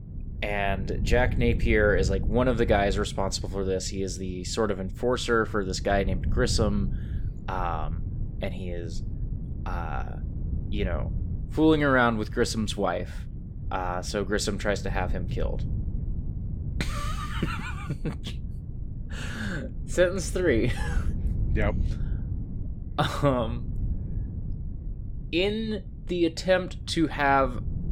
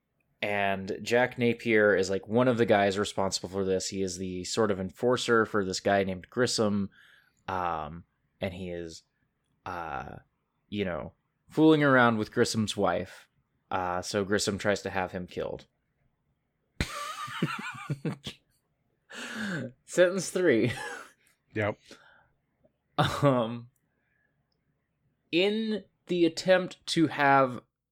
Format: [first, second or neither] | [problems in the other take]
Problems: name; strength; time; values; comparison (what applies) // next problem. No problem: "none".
second | wind noise on the microphone; occasional gusts; 20 dB below the speech